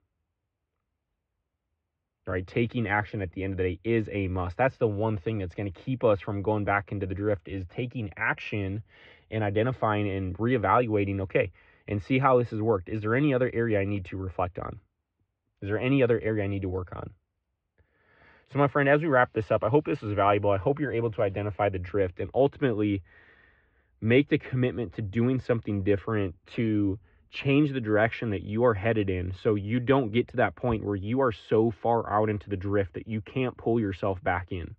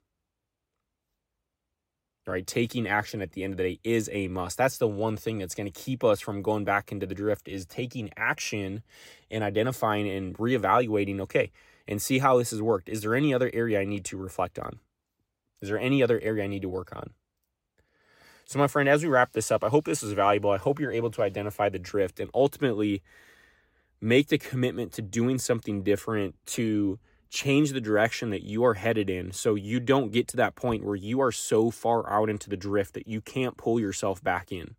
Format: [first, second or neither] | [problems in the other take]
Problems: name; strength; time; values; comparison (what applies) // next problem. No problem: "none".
second | muffled; very; fading above 3 kHz